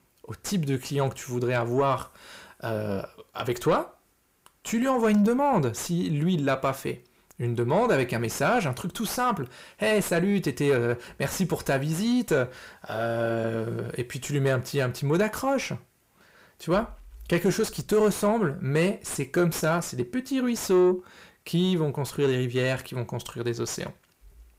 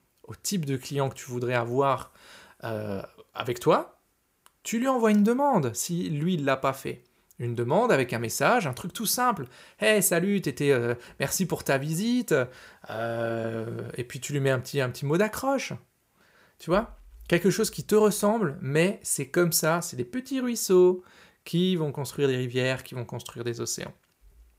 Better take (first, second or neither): second